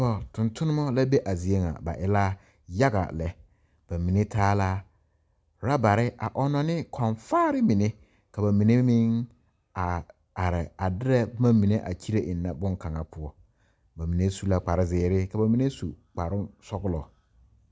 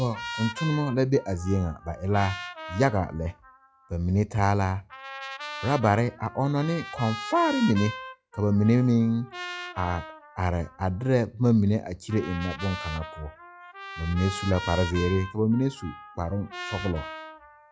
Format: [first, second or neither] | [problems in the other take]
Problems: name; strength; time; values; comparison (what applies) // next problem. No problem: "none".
first | noise reduction (classical method log-MMSE)